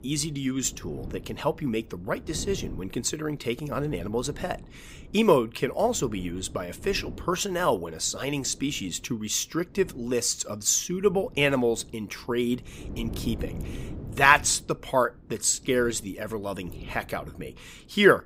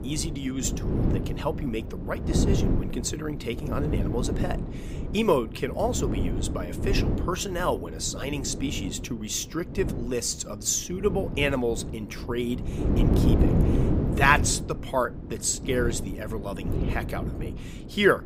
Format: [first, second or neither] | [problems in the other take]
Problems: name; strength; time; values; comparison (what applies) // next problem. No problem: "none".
first | wind noise on the microphone; heavy; 8 dB below the speech; occasional gusts in the first